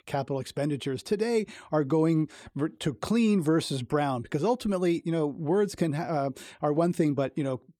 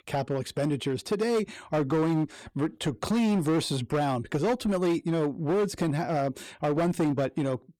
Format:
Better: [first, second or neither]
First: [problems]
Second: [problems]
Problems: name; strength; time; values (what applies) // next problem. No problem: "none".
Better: first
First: none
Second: distortion; slight; 13% of the sound clipped